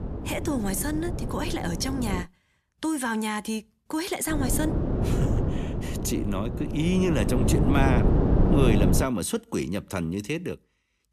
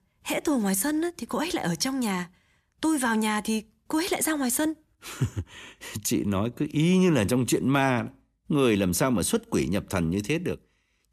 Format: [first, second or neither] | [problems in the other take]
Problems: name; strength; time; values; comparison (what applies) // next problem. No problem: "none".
second | wind noise on the microphone; heavy; until 2 s and from 4.5 to 9 s; 3 dB below the speech